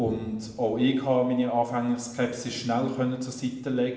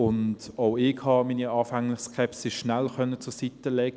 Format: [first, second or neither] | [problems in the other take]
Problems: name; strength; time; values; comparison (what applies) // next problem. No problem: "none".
second | room echo; dies away in 0.8 s